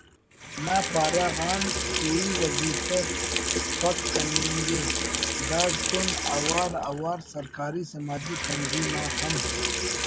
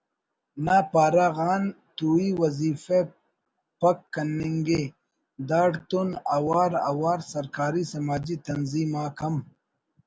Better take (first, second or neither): second